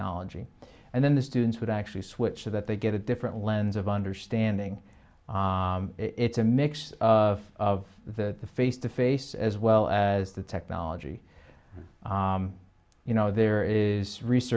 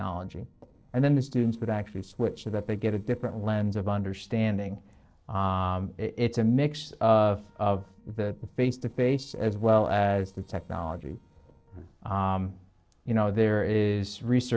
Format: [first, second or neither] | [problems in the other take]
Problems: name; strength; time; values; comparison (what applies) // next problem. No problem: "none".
first | noise reduction (neural separator model SepFormer DNS4)